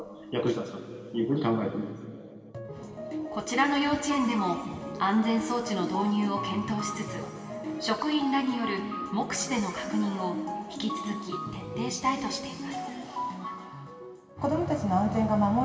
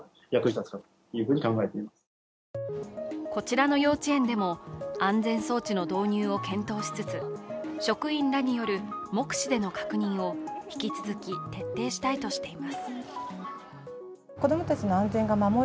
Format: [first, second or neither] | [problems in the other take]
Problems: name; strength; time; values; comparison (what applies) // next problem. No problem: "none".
second | room echo; dies away in 2.5 s